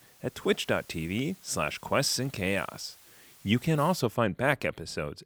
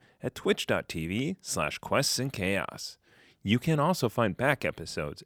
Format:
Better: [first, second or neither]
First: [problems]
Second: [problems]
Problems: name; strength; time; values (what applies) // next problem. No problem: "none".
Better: second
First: hiss; faint; until 4 s; 25 dB below the speech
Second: none